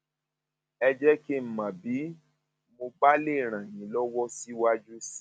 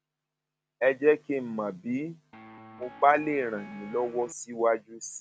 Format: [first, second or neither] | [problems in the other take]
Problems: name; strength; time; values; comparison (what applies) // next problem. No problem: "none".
first | background sound (Guitar); 19 dB below the speech